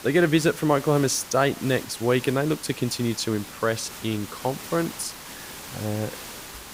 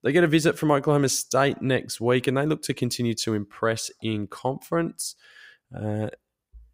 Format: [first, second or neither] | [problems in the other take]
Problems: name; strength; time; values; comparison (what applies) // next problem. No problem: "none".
second | hiss; noticeable; throughout; 15 dB below the speech